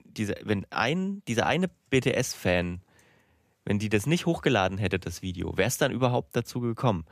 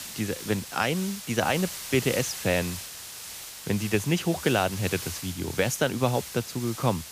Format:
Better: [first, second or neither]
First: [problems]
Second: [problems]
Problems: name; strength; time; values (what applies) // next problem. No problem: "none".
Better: first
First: none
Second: hiss; loud; throughout; 9 dB below the speech